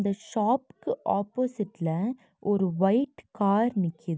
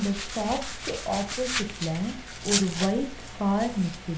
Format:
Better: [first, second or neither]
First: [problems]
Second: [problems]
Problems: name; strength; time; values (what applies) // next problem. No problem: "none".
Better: first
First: none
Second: background sound (Domestic sounds, home sounds); 5 dB below the speech // room echo; dies away in 0.8 s